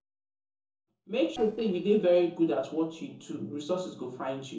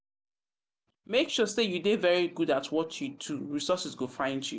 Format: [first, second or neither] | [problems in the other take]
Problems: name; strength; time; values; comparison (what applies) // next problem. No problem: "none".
second | noise reduction (neural separator model SepFormer DNS4)